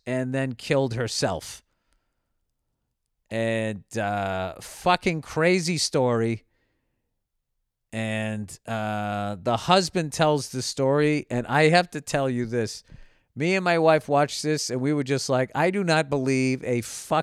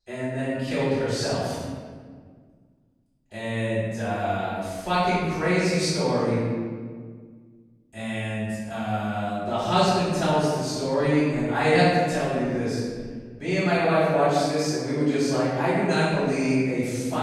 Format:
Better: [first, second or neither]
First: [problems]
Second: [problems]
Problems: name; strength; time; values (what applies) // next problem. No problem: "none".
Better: first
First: none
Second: room echo; strong; dies away in 1.6 s // off-mic speech; far